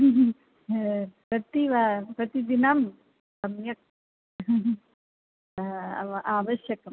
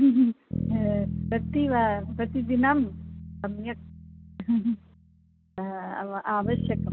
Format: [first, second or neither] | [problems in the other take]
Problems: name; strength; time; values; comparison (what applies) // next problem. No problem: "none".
first | background sound (Bass guitar); 7 dB below the speech